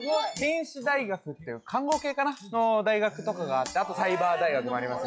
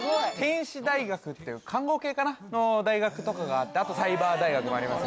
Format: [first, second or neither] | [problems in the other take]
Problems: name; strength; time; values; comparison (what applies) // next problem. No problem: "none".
second | noise reduction (classical method log-MMSE)